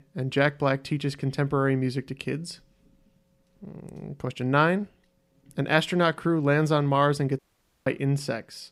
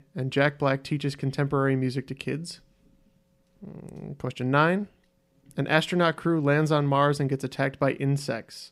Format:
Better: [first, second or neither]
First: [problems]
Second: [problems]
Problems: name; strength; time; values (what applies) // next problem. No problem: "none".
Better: second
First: audio cutting out; at 7.5 s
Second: none